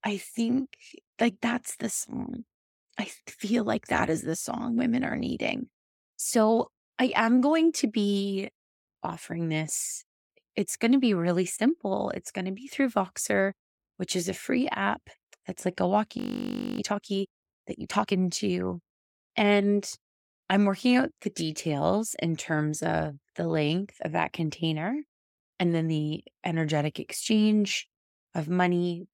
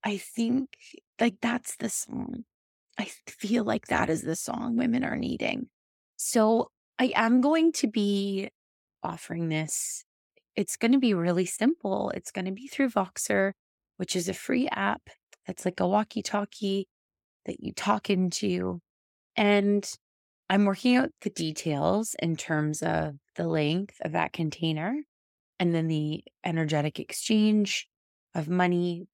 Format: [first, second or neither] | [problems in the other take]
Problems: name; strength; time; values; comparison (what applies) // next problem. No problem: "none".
second | audio freezing; at 16 s for 0.5 s